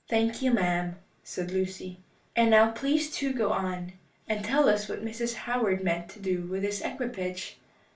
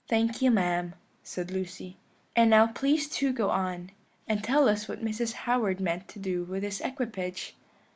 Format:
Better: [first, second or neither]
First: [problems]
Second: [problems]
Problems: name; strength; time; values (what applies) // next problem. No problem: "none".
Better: second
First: room echo; dies away in 0.2 s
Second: none